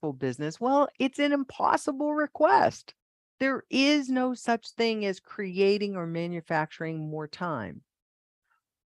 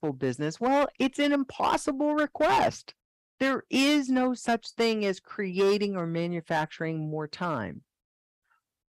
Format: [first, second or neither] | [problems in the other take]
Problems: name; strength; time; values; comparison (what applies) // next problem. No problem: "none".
first | distortion; slight; 6% of the sound clipped